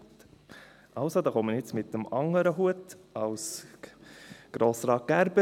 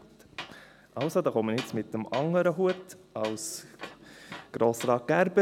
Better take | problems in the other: first | background sound (Tools); 17 dB below the speech

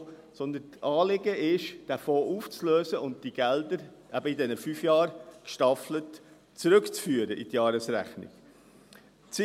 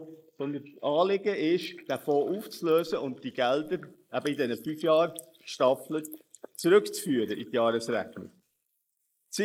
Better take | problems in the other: first | noise reduction (neural mask model Resemble Enhance denoiser)

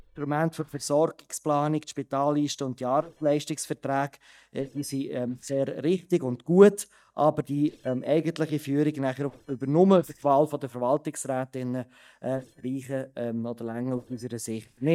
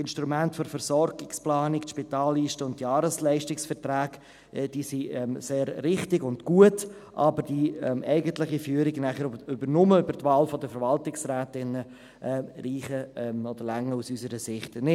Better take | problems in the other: second | noise reduction (neural mask model DeepFilterNet 3)

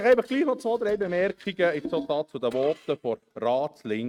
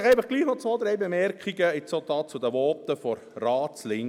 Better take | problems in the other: second | noise reduction (neural mask model RNNoise)

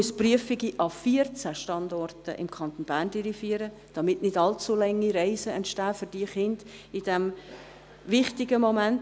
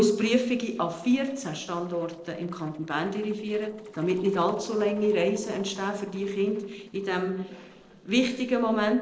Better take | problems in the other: first | noise reduction (neural separator model SepFormer DNS4)

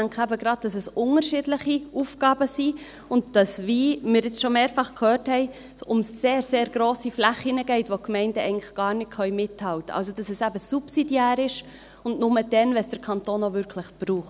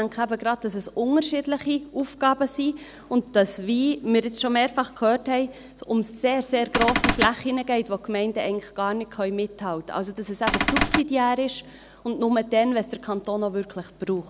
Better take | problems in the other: first | background sound (Cupboard open or close / Door); 2 dB above the speech

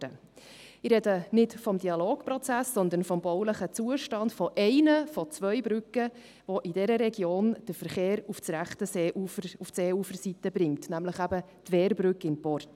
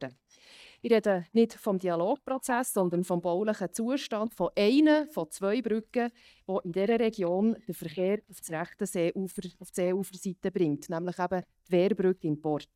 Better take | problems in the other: first | noise reduction (neural mask model DeepFilterNet 3)

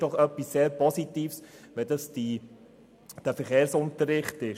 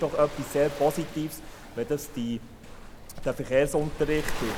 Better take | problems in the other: first | background sound (Waves, surf); 8 dB below the speech

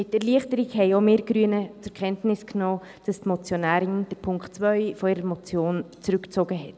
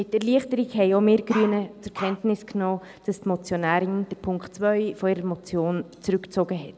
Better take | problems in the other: first | background sound (Bark); 11 dB below the speech

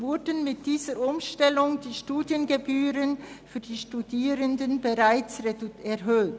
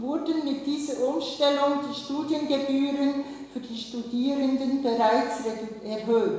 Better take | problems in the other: first | room echo; dies away in 1 s

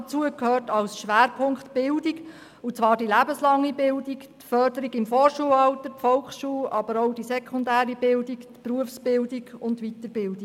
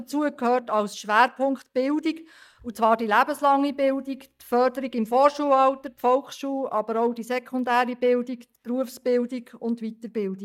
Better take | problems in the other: first | noise reduction (neural mask model DeepFilterNet 3)

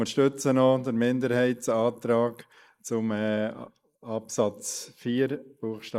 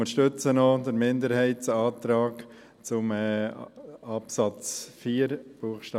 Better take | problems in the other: second | noise reduction (neural mask model Resemble Enhance denoiser)

